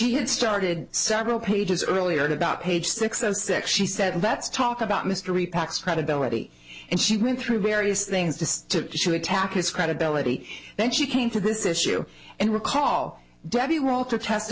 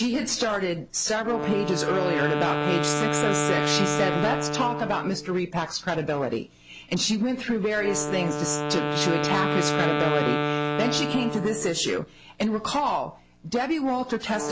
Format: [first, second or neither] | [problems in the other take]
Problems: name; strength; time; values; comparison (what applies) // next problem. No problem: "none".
first | background sound (Wind instrument, woodwind instrument); 3 dB below the speech